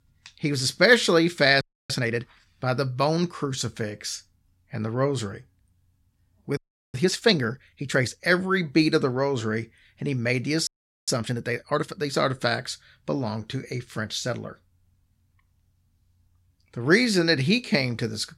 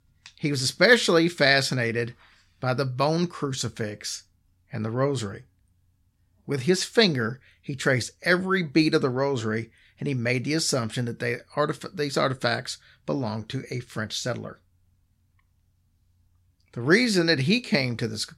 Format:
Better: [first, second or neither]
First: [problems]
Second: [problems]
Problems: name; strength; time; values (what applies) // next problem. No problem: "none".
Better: second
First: audio freezing; at 1.5 s, at 6.5 s and at 11 s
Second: none